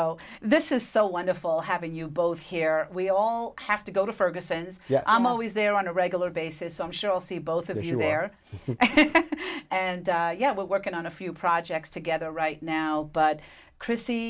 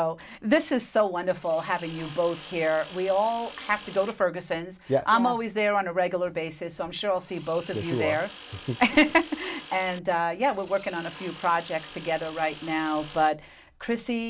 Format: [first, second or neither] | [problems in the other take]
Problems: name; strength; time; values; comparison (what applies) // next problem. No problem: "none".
first | background sound (Tools); 18 dB below the speech